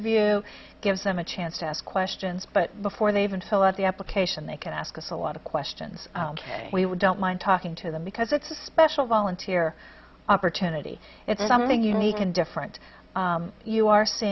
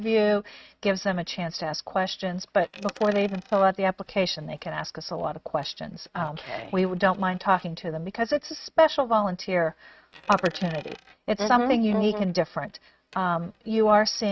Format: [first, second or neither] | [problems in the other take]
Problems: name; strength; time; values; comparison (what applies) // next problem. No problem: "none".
first | noise reduction (neural mask model RNNoise)